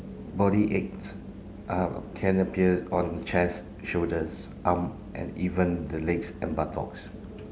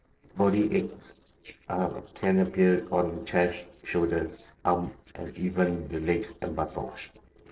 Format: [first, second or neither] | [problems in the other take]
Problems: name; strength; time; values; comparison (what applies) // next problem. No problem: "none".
first | noise reduction (neural separator model SepFormer DNS4)